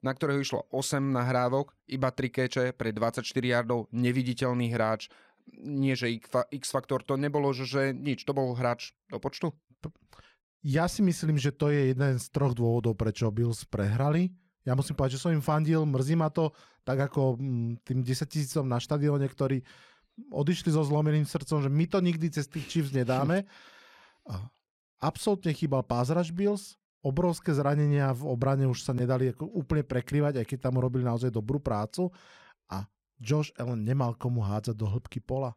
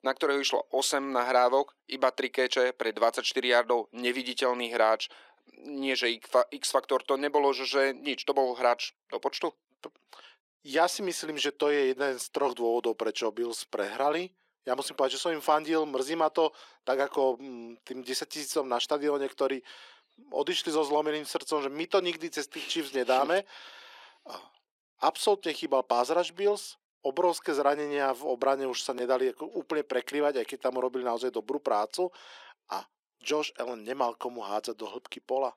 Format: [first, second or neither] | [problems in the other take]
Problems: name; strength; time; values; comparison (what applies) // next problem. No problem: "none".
first | thin; very; fading below 300 Hz